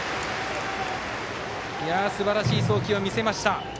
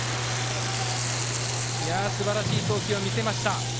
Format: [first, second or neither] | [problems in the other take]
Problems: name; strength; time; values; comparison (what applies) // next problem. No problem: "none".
first | background sound (Sink (filling or washing) / Water tap, faucet + Mechanical fan / Engine); as loud as the speech